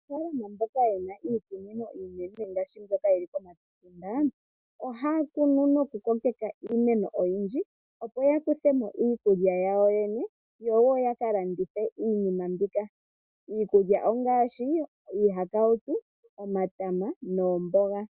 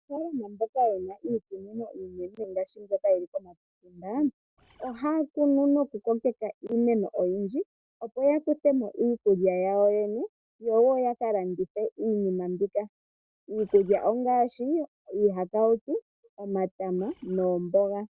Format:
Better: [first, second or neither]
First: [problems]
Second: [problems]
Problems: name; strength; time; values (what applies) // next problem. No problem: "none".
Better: first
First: none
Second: noise reduction (neural separator model SepFormer DNS4)